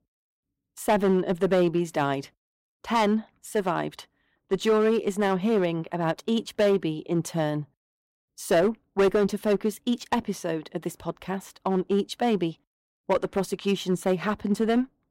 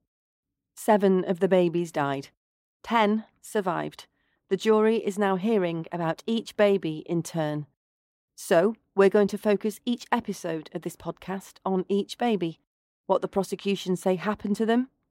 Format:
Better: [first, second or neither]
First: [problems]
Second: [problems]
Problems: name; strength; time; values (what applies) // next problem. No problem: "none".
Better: second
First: distortion; slight; 5% of the sound clipped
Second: none